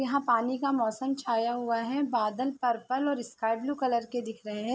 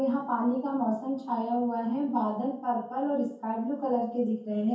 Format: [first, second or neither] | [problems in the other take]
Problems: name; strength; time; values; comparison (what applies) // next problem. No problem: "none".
first | room echo; dies away in 0.6 s